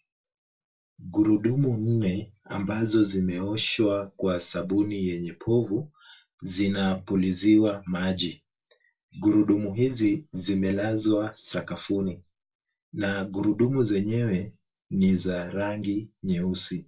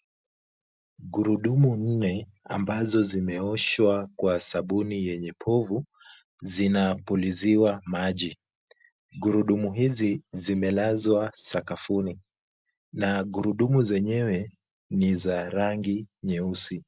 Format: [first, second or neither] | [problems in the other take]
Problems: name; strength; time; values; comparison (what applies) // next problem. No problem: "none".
second | room echo; dies away in 0.2 s